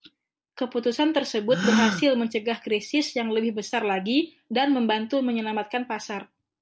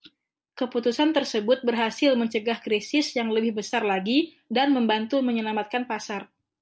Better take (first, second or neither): second